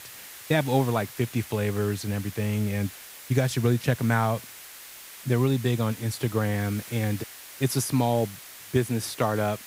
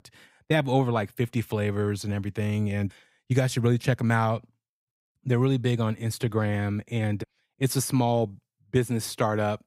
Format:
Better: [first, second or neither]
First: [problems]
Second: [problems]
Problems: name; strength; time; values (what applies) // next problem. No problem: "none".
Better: second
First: hiss; noticeable; throughout; 15 dB below the speech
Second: none